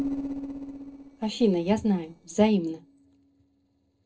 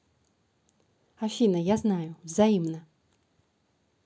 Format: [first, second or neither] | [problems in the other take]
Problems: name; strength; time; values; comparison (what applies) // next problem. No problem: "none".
second | noise reduction (neural separator model SepFormer DNS4)